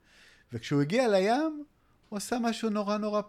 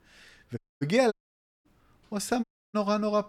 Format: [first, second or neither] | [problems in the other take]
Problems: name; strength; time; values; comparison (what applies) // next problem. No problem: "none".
first | audio cutting out; at 0.5 s, at 1 s for 0.5 s and at 2.5 s